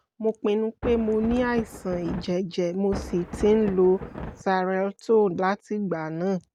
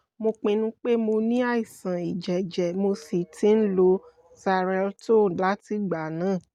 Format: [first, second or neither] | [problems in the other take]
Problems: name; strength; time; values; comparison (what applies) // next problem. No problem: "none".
second | background sound (Thunder); 11 dB below the speech